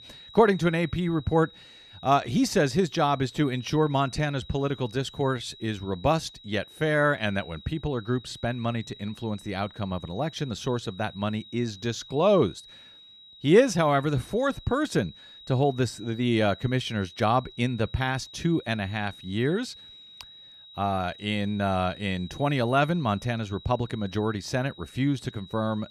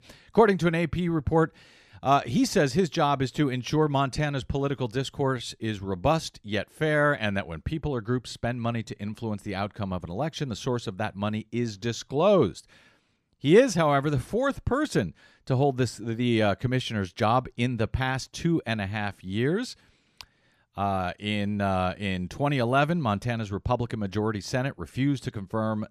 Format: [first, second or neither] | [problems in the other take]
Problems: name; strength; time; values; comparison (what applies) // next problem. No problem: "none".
second | high-pitched whine; noticeable; throughout; 4 kHz, 20 dB below the speech